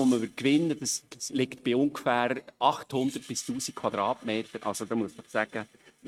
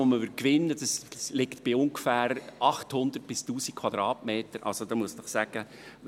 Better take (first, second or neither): second